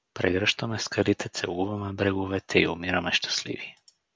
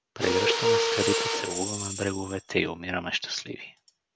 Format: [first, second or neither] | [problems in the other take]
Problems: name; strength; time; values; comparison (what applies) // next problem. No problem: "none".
first | background sound (Mechanisms + Tambourine); 3 dB above the speech